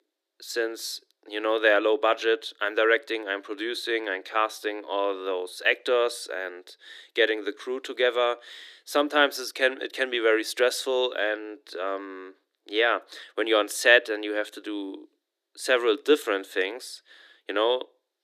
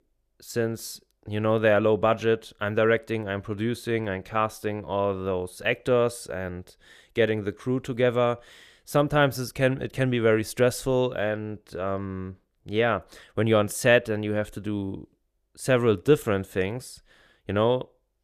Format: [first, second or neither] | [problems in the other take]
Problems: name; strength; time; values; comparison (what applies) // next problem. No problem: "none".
second | thin; somewhat; fading below 300 Hz